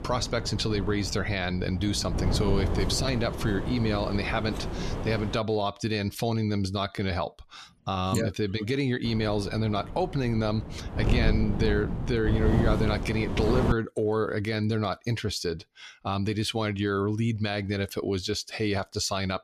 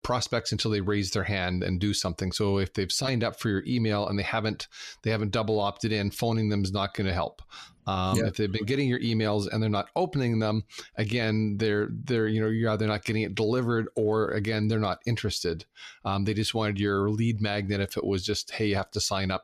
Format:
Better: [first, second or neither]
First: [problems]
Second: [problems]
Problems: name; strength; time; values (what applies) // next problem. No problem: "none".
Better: second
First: wind noise on the microphone; heavy; until 5.5 s and from 9 to 14 s; 7 dB below the speech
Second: none